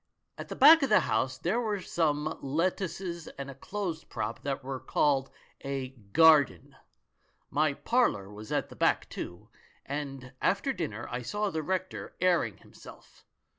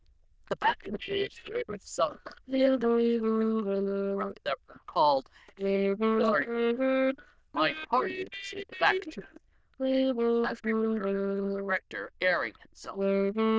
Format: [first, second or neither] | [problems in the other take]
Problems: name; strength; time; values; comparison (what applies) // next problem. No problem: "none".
first | noise reduction (neural diffusion model UNIVERSE++)